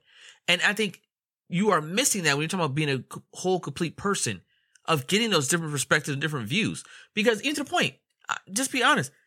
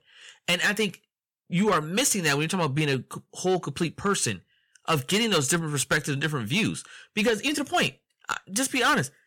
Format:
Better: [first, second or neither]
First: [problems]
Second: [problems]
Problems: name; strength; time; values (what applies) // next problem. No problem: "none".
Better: first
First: none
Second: distortion; slight; 4% of the sound clipped